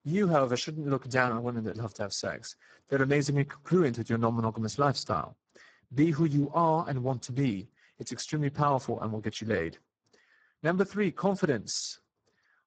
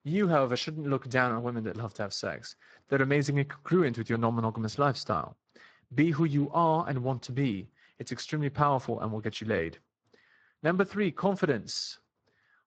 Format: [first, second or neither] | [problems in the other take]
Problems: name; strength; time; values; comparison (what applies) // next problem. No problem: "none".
second | garbled, watery; badly; nothing above 7.5 kHz; slightly in the second